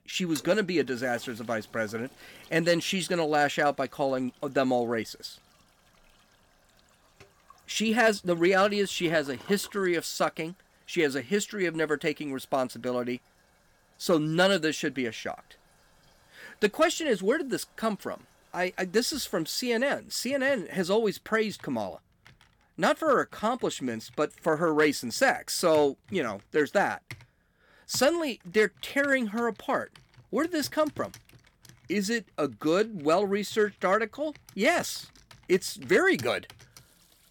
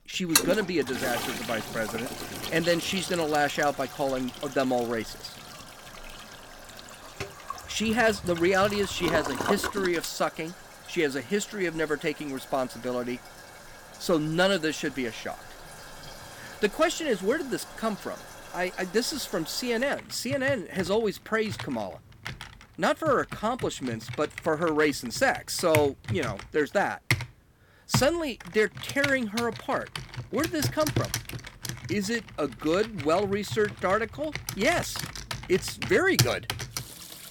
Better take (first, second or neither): first